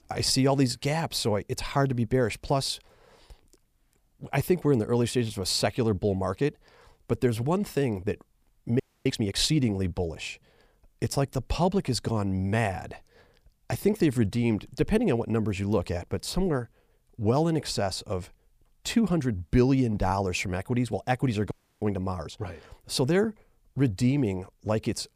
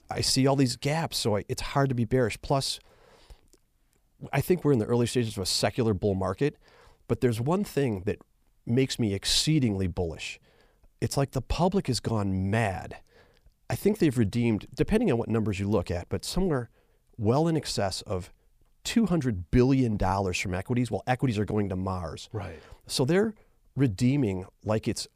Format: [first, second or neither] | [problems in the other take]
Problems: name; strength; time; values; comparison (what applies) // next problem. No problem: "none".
second | audio freezing; at 9 s and at 22 s